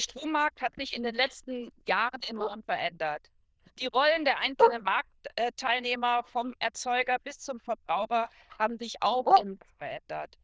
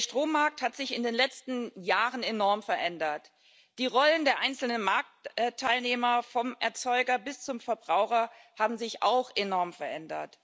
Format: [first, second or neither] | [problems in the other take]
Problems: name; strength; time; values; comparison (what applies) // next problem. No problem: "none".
second | noise reduction (neural diffusion model UNIVERSE++)